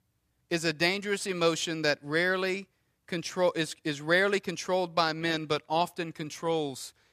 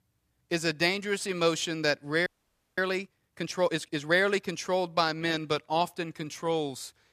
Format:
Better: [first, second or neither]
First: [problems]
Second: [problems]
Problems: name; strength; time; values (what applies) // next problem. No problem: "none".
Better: first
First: none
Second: audio freezing; at 2.5 s for 0.5 s